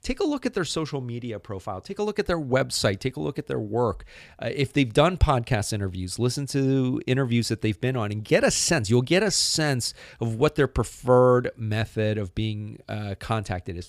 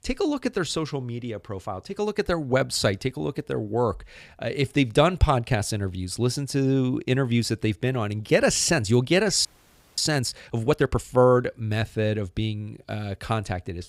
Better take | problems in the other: first | audio freezing; at 9.5 s for 0.5 s

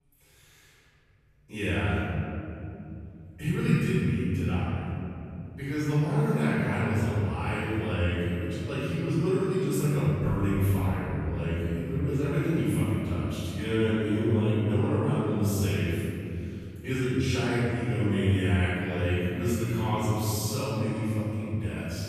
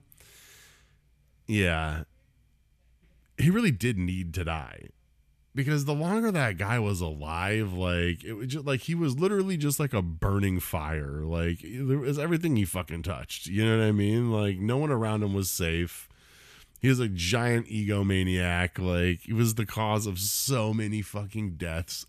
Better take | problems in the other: second | off-mic speech; far // room echo; strong; dies away in 3 s

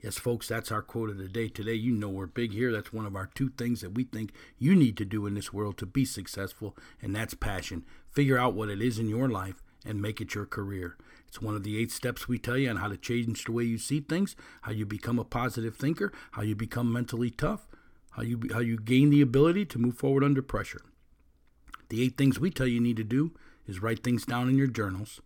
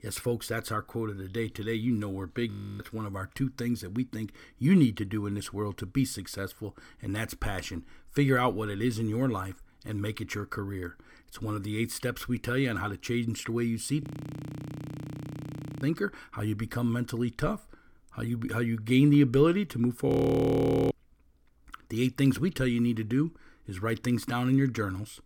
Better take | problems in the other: first | audio freezing; at 2.5 s, at 14 s for 2 s and at 20 s for 1 s

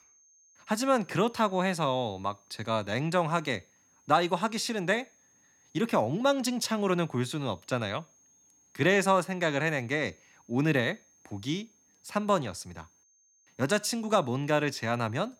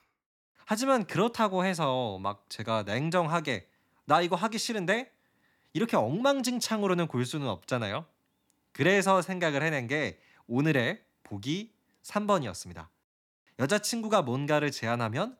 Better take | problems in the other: second | high-pitched whine; faint; throughout; 6.5 kHz, 30 dB below the speech

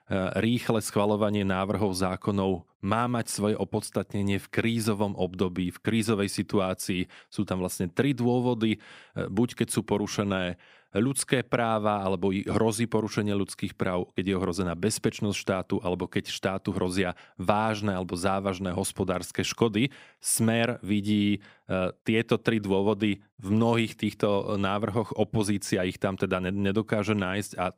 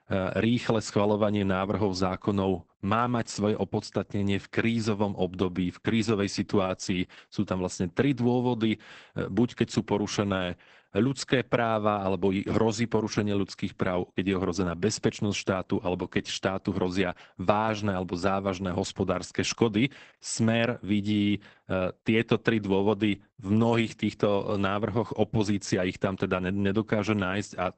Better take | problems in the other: first | garbled, watery; badly; nothing above 8 kHz

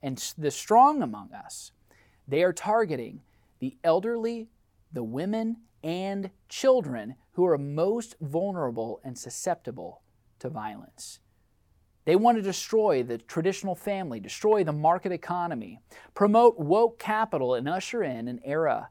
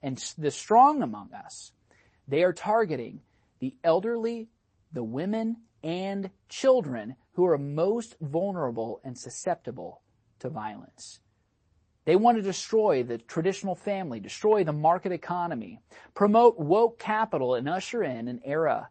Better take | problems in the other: first | garbled, watery; slightly; nothing above 8 kHz

